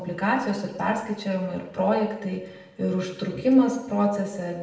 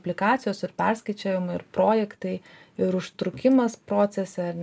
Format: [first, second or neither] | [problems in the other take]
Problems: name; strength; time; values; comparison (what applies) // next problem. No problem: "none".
second | room echo; dies away in 0.8 s